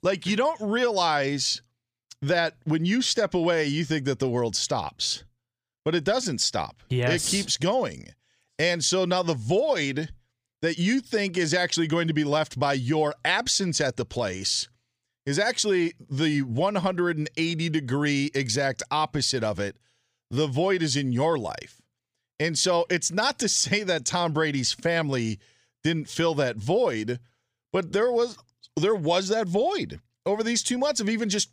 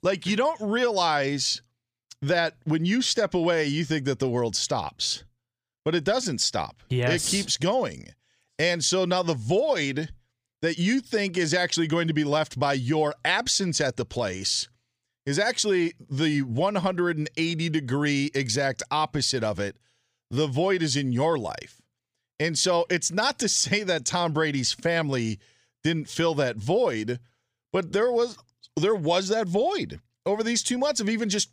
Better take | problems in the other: neither | none

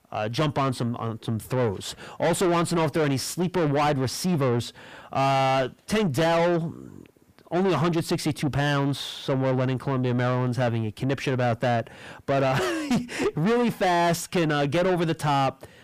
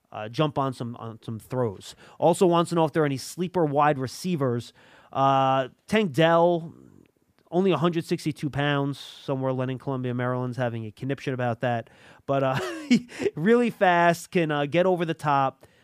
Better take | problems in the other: second | distortion; heavy; 5 dB below the speech

